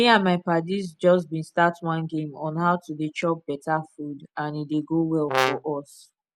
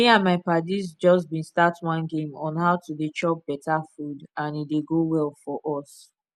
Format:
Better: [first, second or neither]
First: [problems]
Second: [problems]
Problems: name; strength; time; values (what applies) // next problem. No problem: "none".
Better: second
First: background sound (Brass instrument); 2 dB below the speech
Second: none